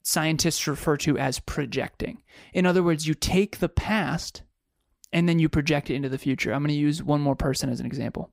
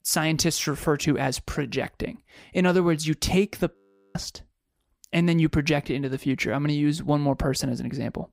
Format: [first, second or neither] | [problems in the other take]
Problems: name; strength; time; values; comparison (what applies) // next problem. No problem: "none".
first | audio freezing; at 4 s